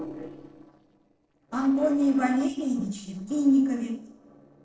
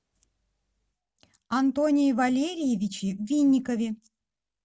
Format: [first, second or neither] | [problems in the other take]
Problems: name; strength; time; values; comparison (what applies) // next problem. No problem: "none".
second | noise reduction (neural separator model SepFormer DNS4)